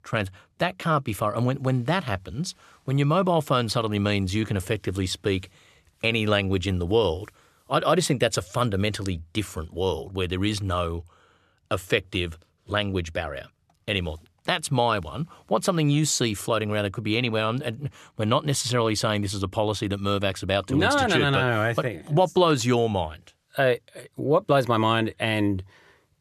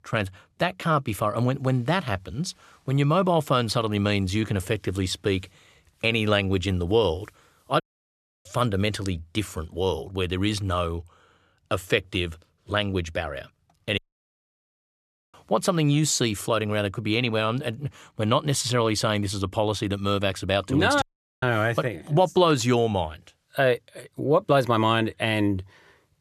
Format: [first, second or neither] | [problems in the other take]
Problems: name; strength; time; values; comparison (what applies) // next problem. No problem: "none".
first | audio cutting out; at 8 s for 0.5 s, at 14 s for 1.5 s and at 21 s